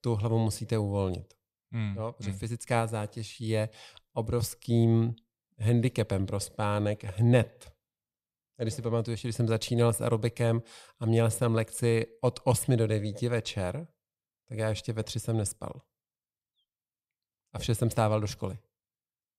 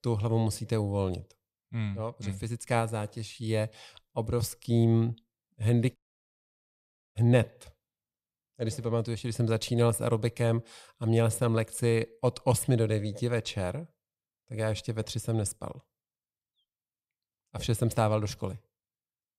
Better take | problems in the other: first | audio cutting out; at 6 s for 1 s

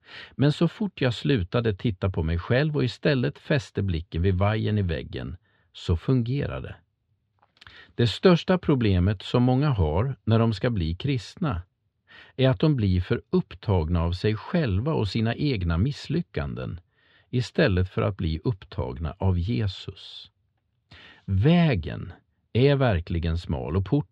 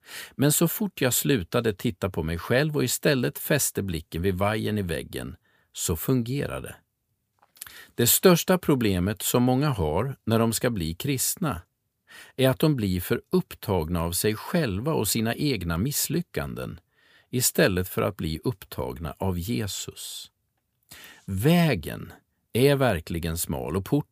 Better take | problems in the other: second | muffled; slightly; fading above 4 kHz

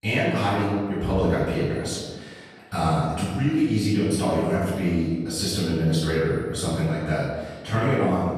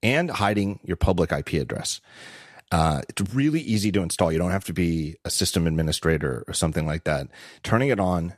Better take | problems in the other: second | off-mic speech; far // room echo; strong; dies away in 1.3 s

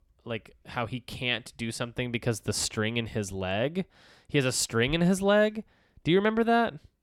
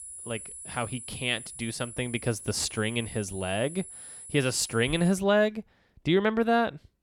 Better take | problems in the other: first | high-pitched whine; noticeable; until 5 s; 10.5 kHz, 10 dB below the speech

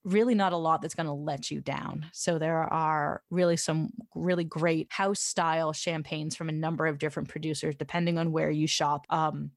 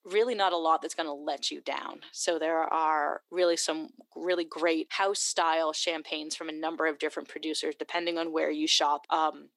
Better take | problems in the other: first | thin; very; fading below 300 Hz

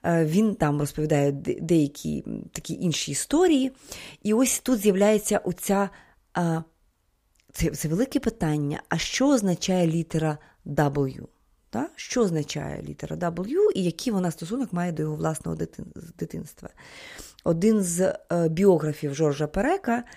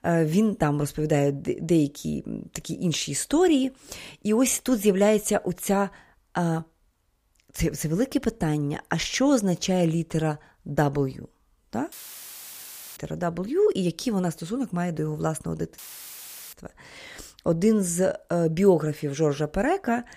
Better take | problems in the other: first | audio cutting out; filled with static; at 12 s for 1 s and at 16 s for 1 s

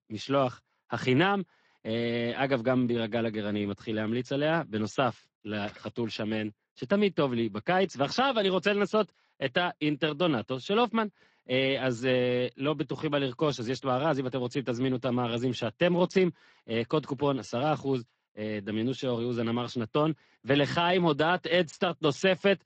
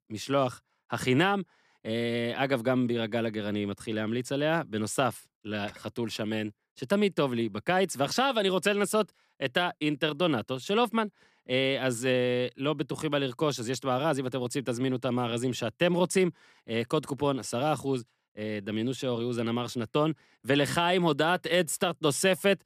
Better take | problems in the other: second | garbled, watery; slightly; nothing above 7.5 kHz

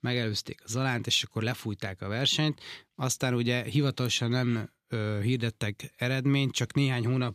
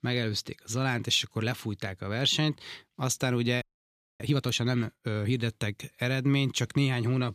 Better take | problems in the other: first | audio freezing; at 3.5 s for 0.5 s

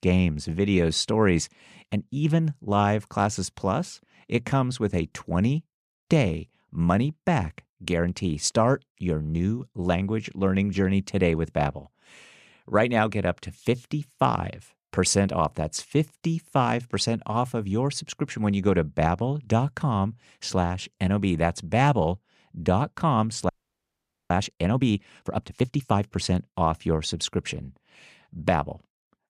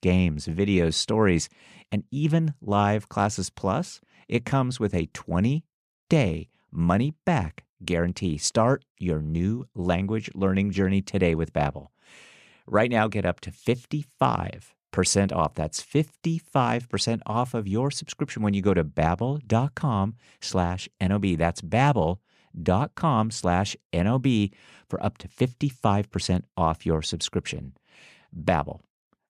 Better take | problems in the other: second | audio freezing; at 23 s for 1 s

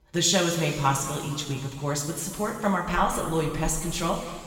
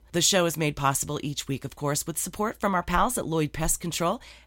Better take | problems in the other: second | room echo; noticeable; dies away in 2.1 s // off-mic speech; far

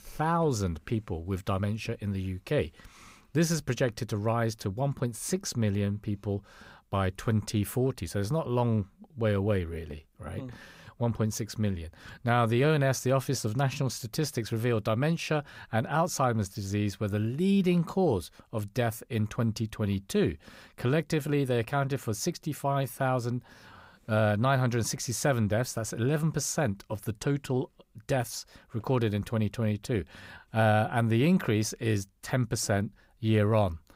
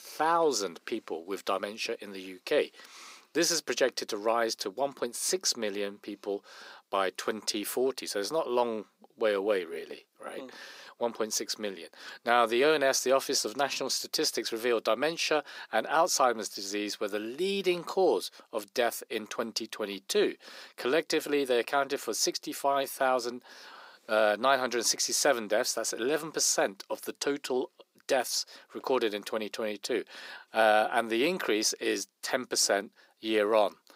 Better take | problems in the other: first | thin; very; fading below 300 Hz

